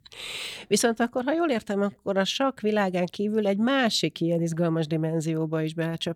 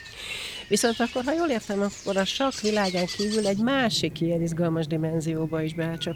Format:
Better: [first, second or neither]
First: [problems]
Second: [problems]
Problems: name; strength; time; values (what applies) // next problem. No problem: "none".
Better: first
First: none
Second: animal sounds; noticeable; throughout; 10 dB below the speech